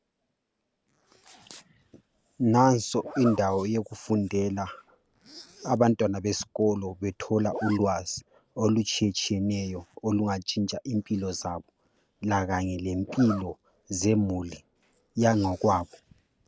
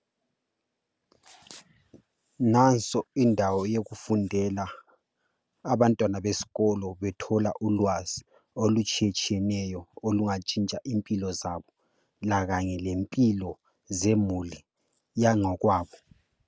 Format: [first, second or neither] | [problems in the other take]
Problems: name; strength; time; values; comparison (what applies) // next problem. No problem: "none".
second | background sound (Zipper (clothing)); 19 dB below the speech